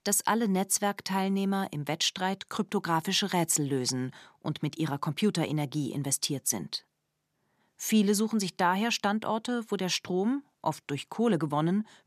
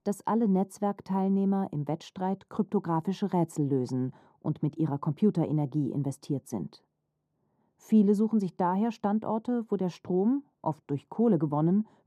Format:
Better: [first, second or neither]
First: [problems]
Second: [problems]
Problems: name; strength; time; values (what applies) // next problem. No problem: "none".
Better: first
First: none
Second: muffled; very; fading above 1 kHz